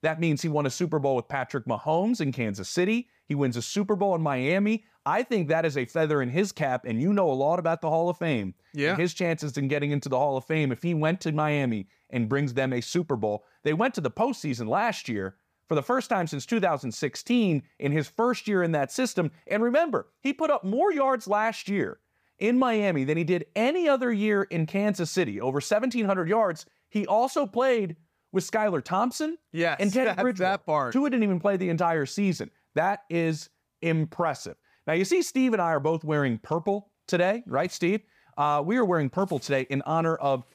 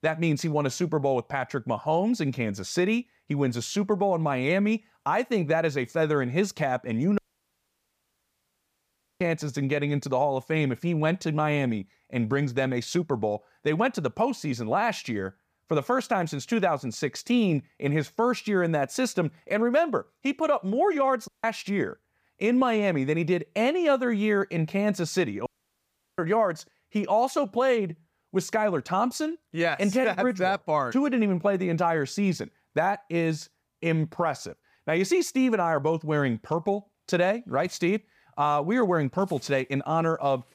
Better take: first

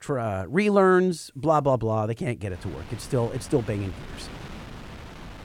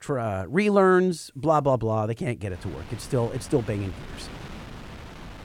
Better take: neither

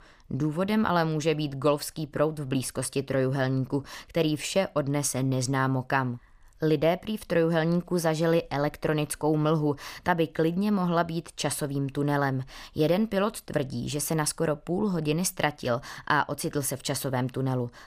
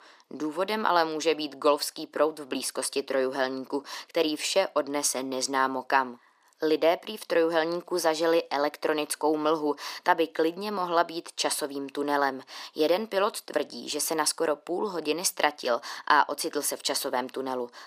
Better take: first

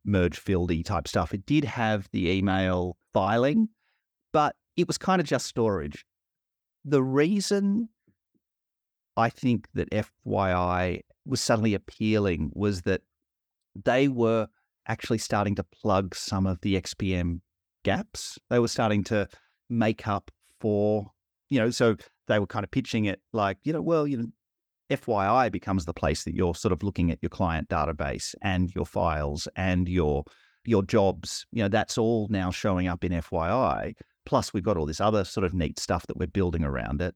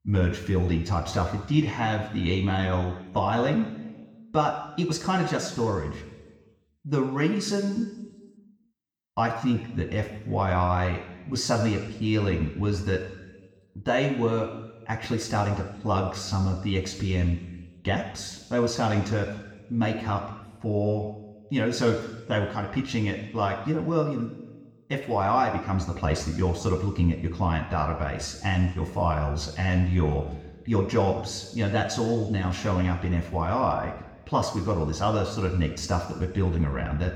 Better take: first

